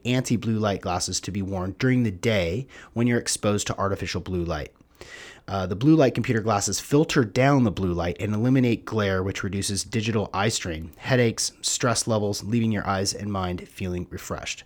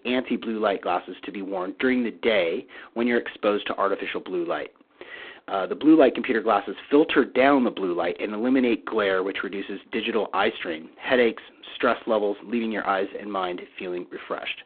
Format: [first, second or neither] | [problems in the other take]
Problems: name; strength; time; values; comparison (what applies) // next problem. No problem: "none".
first | phone-call audio; poor line